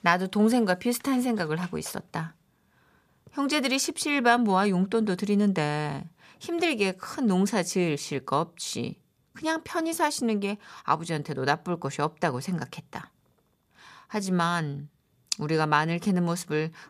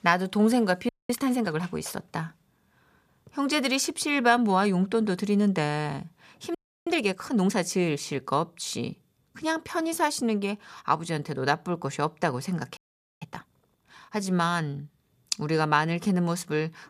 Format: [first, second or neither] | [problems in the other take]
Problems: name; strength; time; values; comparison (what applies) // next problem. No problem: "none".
first | audio freezing; at 1 s, at 6.5 s and at 13 s